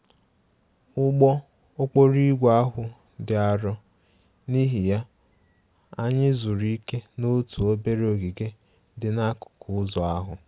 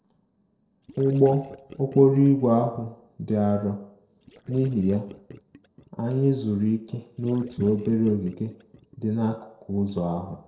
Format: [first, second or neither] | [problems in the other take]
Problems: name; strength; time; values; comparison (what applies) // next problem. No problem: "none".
first | noise reduction (neural separator model SepFormer DNS4)